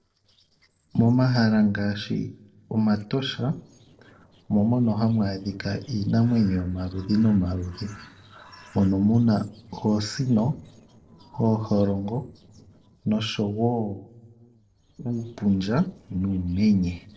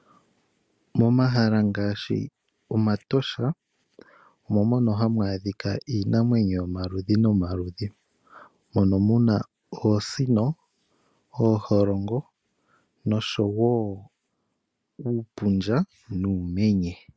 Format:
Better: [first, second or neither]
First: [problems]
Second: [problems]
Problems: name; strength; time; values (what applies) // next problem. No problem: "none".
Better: second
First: noise reduction (neural separator model SepFormer DNS4)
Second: none